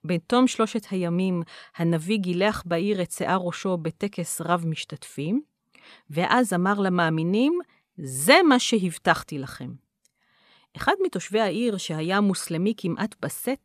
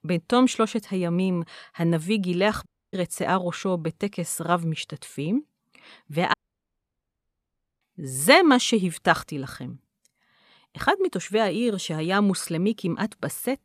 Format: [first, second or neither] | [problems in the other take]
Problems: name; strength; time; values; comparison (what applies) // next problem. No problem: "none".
first | audio cutting out; at 2.5 s and at 6.5 s for 1.5 s